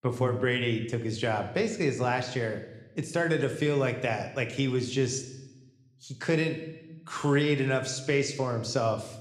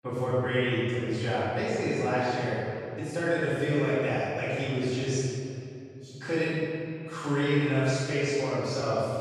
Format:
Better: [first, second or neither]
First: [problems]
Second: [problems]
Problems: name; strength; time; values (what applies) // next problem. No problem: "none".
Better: first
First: room echo; slight; dies away in 0.9 s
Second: room echo; strong; dies away in 2.5 s // off-mic speech; far